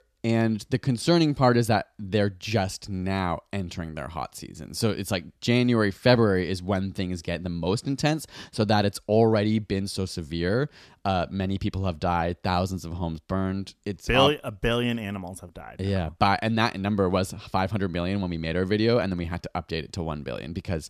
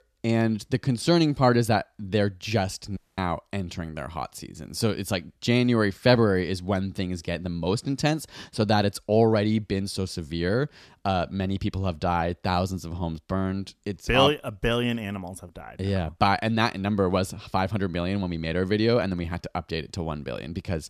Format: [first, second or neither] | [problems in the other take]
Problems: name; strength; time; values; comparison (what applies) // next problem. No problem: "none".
first | audio cutting out; at 3 s